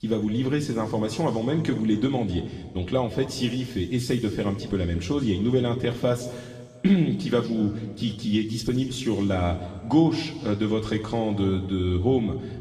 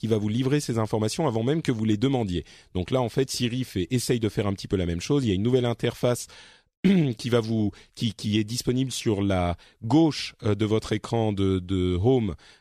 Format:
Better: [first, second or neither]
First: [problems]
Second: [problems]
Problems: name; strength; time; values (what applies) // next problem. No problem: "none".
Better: second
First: room echo; slight; dies away in 1.9 s // off-mic speech; somewhat distant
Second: none